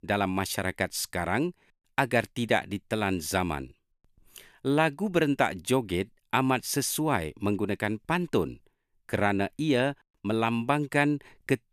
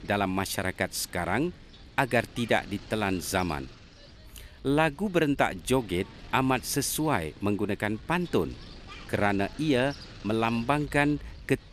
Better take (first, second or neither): first